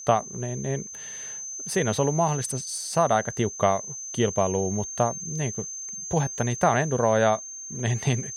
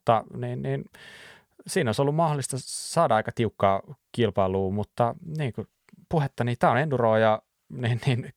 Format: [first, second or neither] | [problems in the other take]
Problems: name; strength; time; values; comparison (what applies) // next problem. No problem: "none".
second | high-pitched whine; loud; throughout; 6.5 kHz, 8 dB below the speech